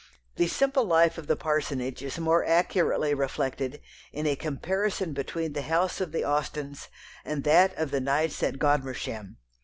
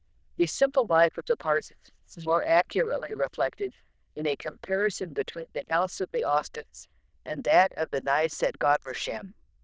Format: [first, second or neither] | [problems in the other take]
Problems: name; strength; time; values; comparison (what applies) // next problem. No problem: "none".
first | noise reduction (neural diffusion model UNIVERSE++)